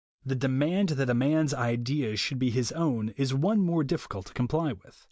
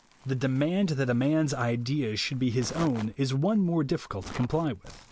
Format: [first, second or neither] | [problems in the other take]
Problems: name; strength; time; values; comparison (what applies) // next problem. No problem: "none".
first | background sound (Crumpling, crinkling); 19 dB below the speech